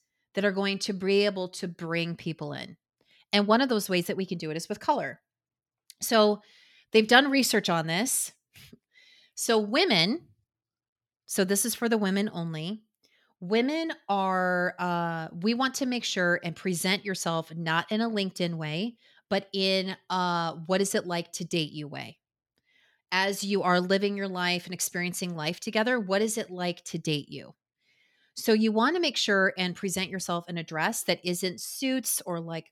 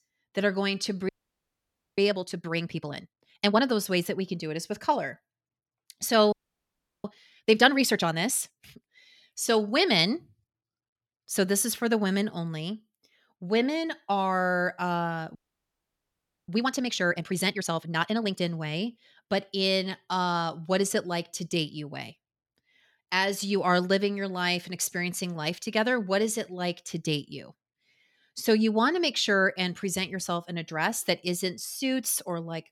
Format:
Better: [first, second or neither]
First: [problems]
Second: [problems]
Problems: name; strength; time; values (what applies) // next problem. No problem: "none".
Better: first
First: none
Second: audio freezing; at 1 s for 1 s, at 6.5 s for 0.5 s and at 15 s for 1 s